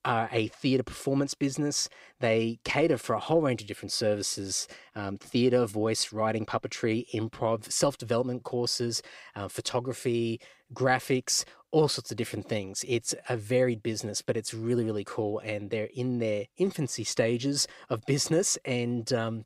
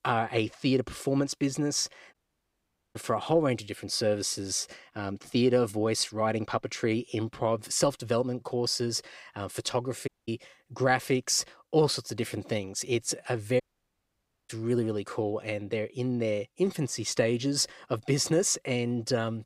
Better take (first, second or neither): first